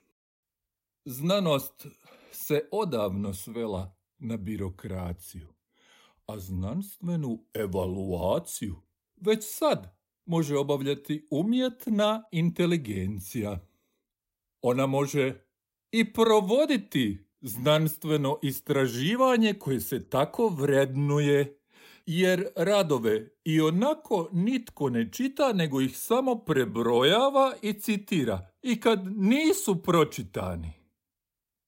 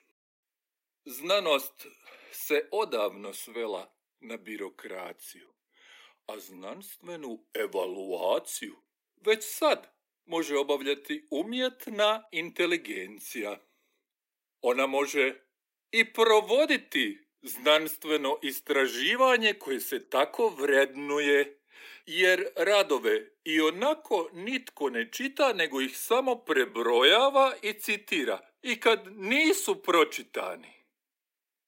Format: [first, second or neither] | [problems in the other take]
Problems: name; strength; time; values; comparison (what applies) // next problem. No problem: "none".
first | thin; somewhat; fading below 300 Hz